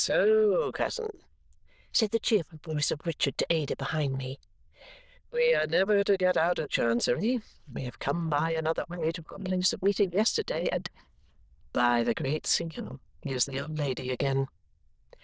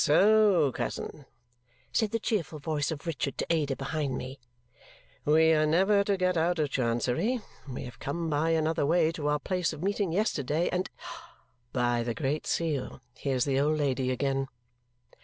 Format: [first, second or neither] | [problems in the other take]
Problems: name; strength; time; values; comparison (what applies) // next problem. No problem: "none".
second | noise reduction (neural diffusion model UNIVERSE++)